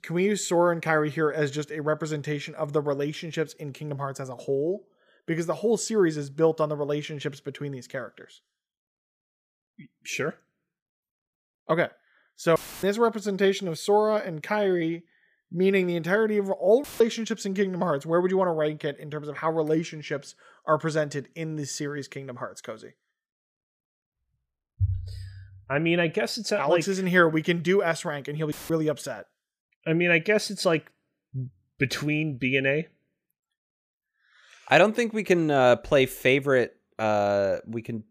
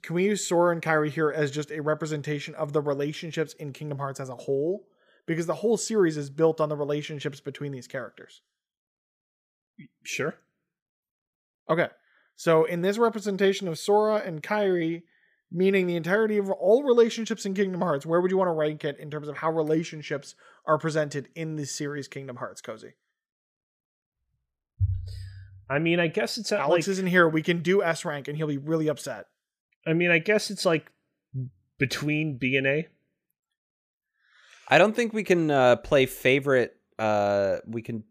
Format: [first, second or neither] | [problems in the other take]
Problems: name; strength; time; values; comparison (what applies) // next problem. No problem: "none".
second | audio cutting out; filled with static; at 13 s, at 17 s and at 29 s